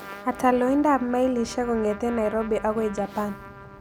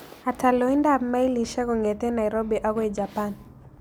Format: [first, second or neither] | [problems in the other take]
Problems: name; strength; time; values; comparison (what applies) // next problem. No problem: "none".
second | background sound (Trumpet); 17 dB below the speech